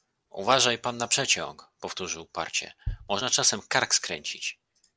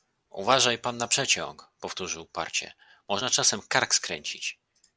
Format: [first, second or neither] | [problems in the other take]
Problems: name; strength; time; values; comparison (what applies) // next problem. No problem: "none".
second | noise reduction (neural separator model SepFormer DNS4)